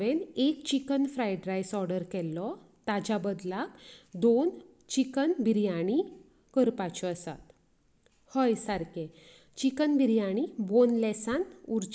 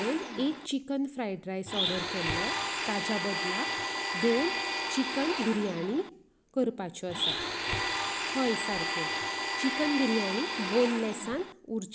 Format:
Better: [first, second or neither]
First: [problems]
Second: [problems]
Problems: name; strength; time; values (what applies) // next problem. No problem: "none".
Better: first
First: none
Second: background sound (Domestic sounds, home sounds); 1 dB below the speech